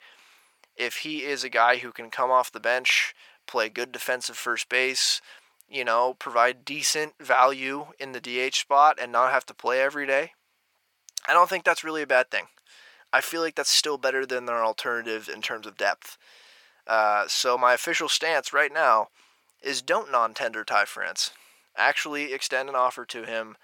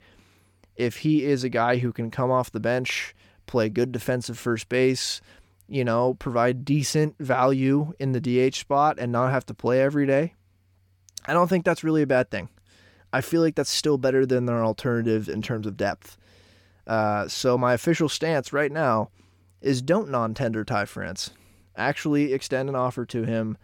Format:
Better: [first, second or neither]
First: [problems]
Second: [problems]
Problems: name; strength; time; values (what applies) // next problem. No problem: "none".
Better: second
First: thin; very; fading below 900 Hz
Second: none